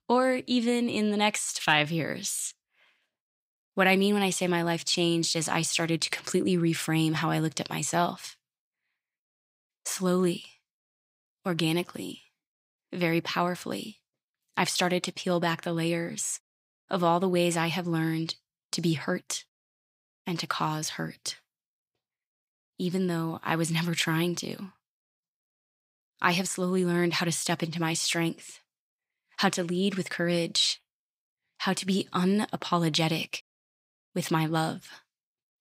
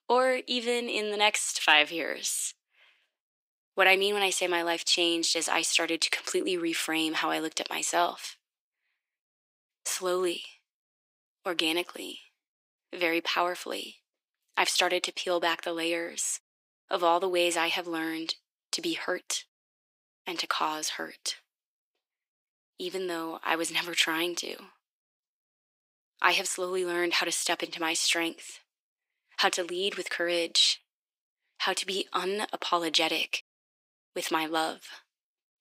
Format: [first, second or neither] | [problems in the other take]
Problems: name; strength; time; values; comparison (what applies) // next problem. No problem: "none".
first | thin; very; fading below 350 Hz